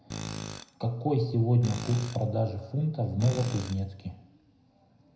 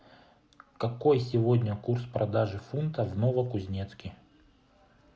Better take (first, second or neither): second